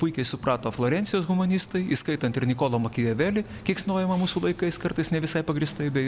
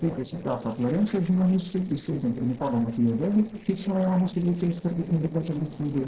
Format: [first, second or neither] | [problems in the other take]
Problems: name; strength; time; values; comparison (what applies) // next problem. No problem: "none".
first | noise reduction (neural separator model SepFormer DNS4)